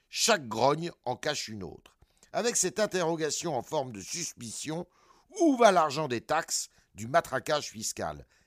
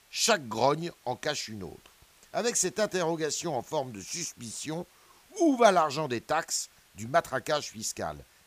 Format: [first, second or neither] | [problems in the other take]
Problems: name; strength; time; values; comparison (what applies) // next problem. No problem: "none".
first | hiss; faint; throughout; 30 dB below the speech